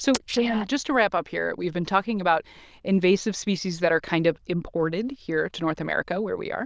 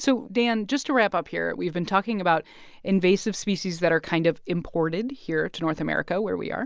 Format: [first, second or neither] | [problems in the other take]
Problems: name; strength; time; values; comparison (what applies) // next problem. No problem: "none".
second | noise reduction (neural diffusion model UNIVERSE++)